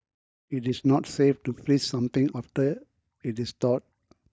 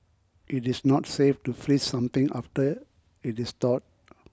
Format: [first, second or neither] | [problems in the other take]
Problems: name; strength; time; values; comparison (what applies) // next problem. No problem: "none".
second | noise reduction (neural mask model DeepFilterNet 3)